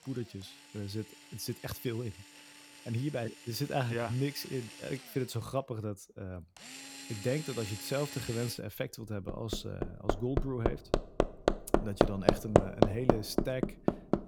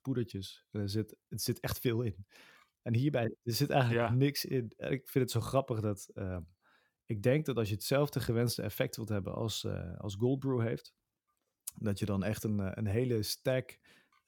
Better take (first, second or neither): second